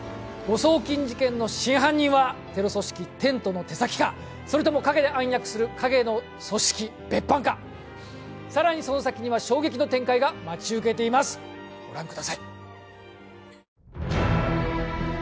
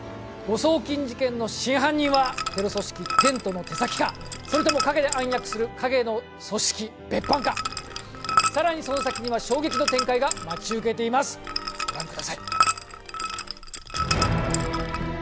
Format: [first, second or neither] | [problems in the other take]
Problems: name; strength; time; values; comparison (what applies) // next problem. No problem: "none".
first | background sound (Liquid); 3 dB below the speech